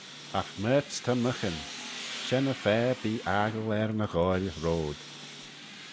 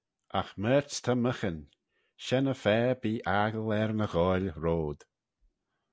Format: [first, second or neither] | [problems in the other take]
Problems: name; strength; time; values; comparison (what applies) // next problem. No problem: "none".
second | background sound (Tools); 13 dB below the speech